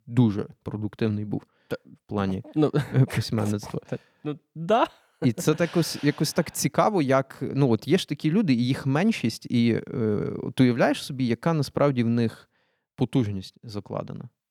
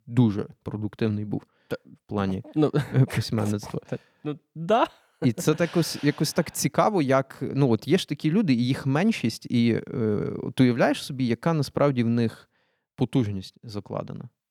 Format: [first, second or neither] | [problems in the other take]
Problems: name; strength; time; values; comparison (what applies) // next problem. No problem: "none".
neither | none